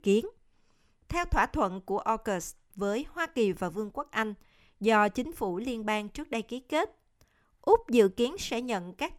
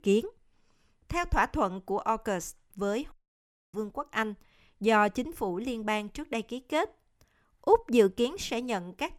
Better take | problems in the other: first | audio cutting out; at 3 s for 0.5 s

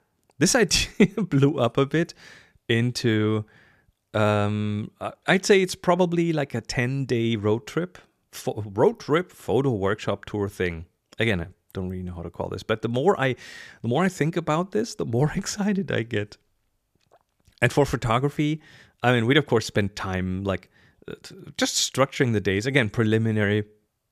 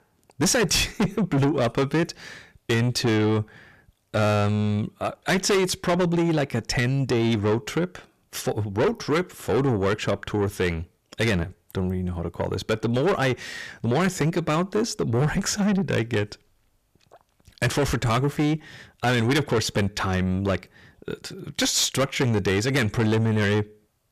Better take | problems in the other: first | distortion; heavy; 7 dB below the speech

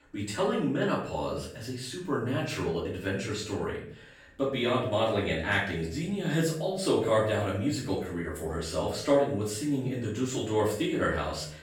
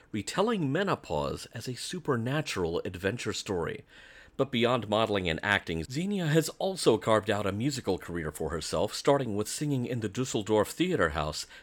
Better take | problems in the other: second | room echo; noticeable; dies away in 0.5 s // off-mic speech; far

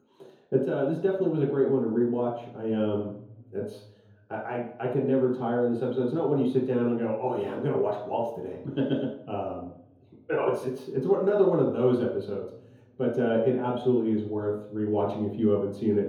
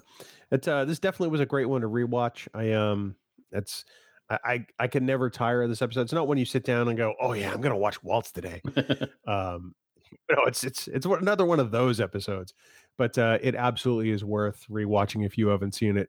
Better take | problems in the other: second | room echo; noticeable; dies away in 1.6 s // off-mic speech; far

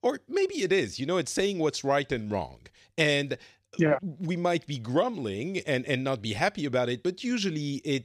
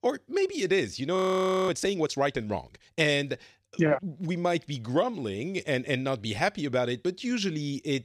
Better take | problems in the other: first | audio freezing; at 1 s for 0.5 s

